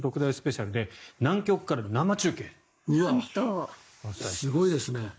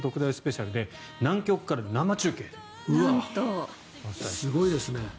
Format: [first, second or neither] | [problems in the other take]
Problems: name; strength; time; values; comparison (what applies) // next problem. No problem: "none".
second | noise reduction (neural mask model Resemble Enhance denoiser)